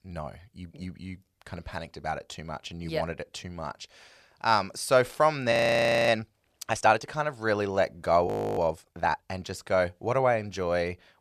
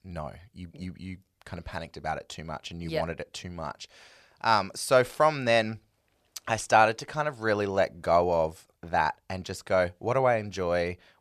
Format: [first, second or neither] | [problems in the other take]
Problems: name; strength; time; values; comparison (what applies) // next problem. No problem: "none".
second | audio freezing; at 5.5 s for 0.5 s and at 8.5 s